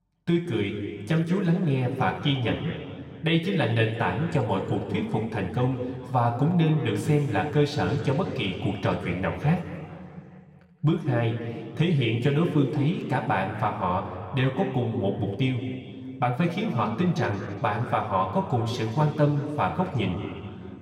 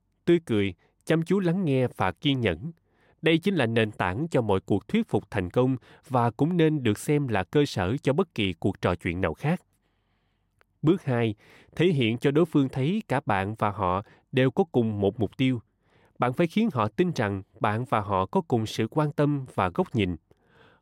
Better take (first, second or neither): second